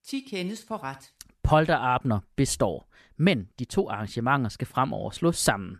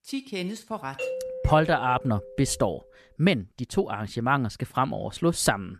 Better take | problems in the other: first | doorbell; noticeable; from 1 to 2.5 s; peak 6 dB below the speech

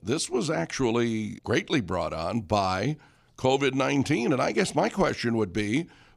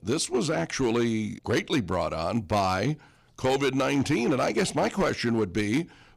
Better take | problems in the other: first | distortion; slight; 5% of the sound clipped

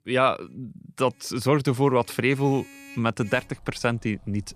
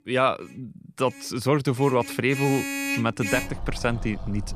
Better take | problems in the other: first | traffic noise; loud; throughout; 6 dB below the speech; faint in the first

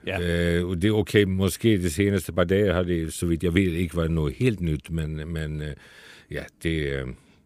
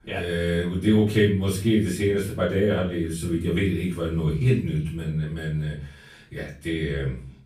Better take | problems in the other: first | off-mic speech; far // room echo; slight; dies away in 0.4 s

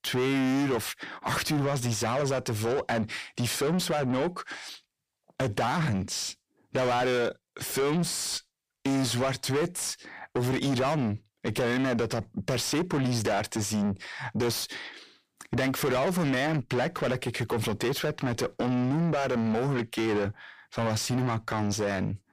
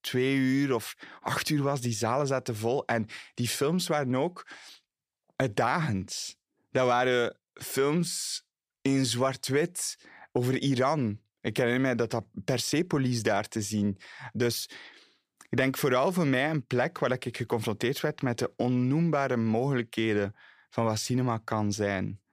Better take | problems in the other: second | distortion; heavy; 8 dB below the speech

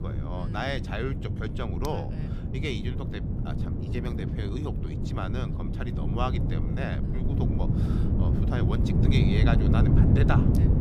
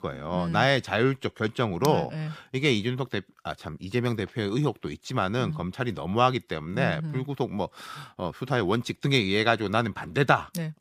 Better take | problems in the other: second | wind noise on the microphone; heavy; 1 dB below the speech

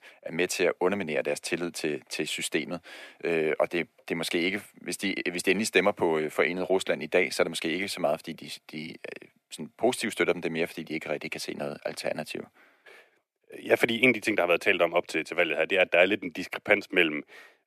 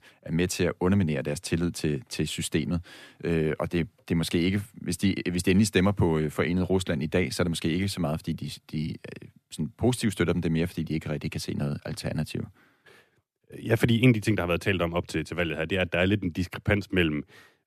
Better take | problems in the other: second | thin; somewhat; fading below 400 Hz

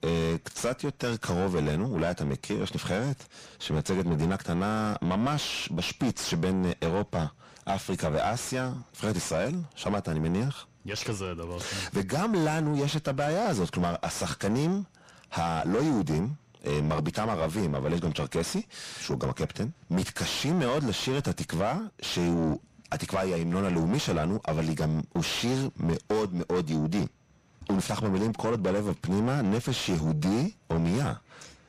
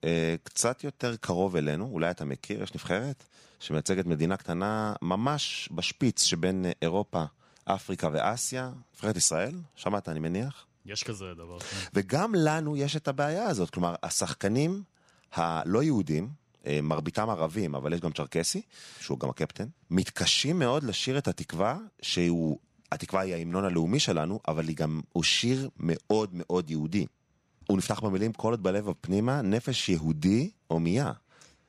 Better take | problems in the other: second | distortion; heavy; 5 dB below the speech

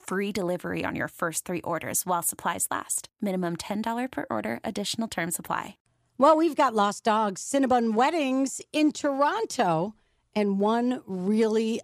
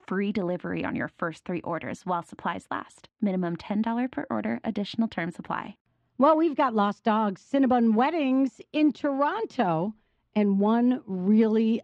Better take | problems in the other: first | muffled; slightly; fading above 3.5 kHz

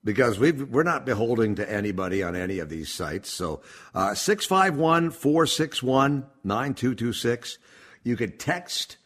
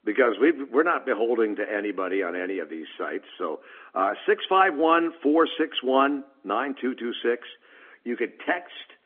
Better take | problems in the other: first | phone-call audio; nothing above 3.5 kHz

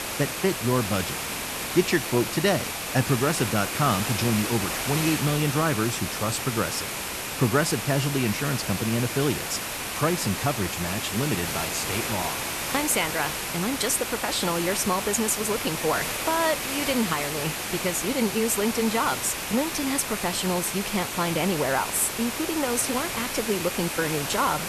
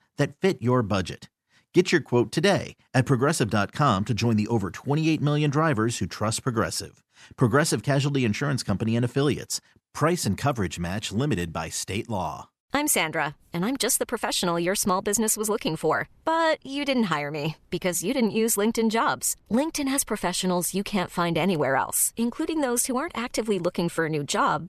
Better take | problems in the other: second | hiss; loud; throughout; 3 dB below the speech

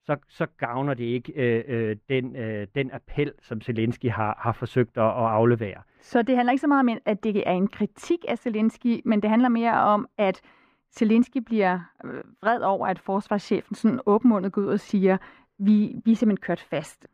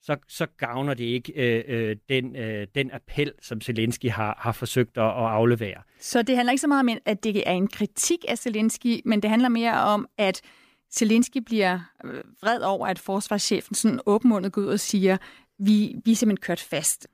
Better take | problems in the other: second | muffled; very; fading above 4 kHz

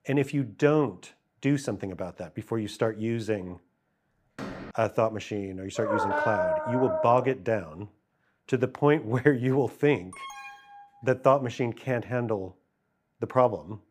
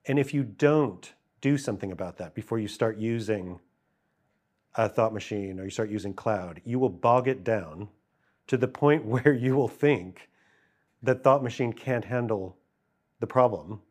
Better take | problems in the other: second | door banging; faint; at 4.5 s; peak 10 dB below the speech // dog barking; loud; from 6 to 7.5 s; peak 1 dB above the speech // alarm; faint; at 10 s; peak 15 dB below the speech

